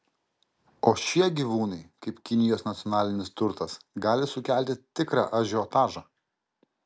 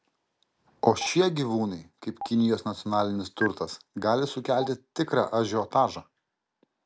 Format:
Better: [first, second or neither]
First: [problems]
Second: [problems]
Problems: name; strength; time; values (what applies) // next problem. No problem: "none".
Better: first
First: none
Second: background sound (Stream); 16 dB below the speech